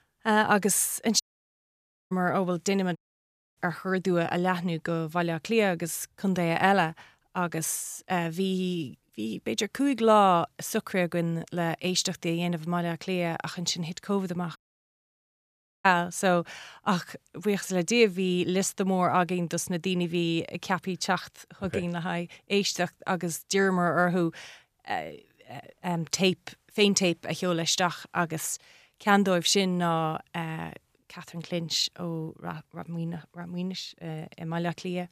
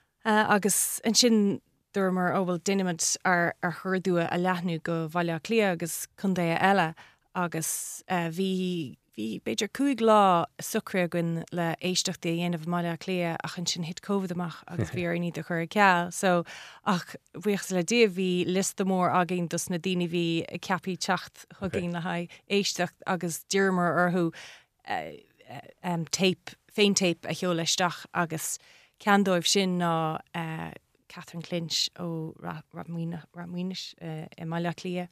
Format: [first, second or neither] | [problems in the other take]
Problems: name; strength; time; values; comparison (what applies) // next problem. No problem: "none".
second | audio cutting out; at 1 s for 1 s, at 3 s for 0.5 s and at 15 s for 1.5 s